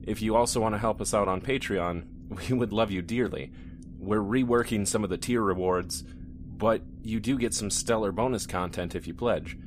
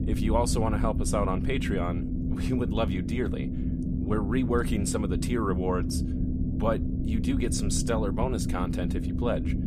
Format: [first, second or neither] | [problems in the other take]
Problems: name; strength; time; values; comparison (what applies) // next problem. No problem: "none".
first | low rumble; loud; throughout; 6 dB below the speech; faint in the first